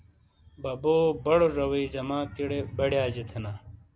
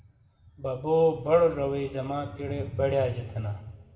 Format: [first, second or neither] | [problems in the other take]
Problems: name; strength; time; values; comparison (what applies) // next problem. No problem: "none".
first | room echo; dies away in 1.2 s